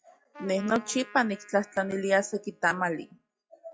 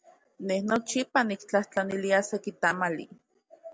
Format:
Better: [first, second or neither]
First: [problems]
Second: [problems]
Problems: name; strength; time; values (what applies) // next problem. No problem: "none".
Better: second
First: noise reduction (classical method log-MMSE)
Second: none